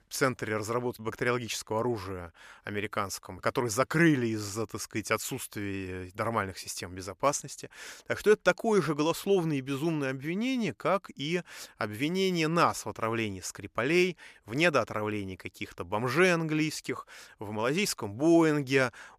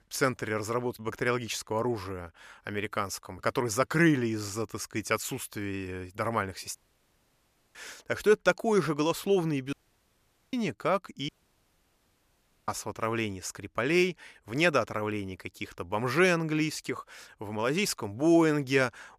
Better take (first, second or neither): first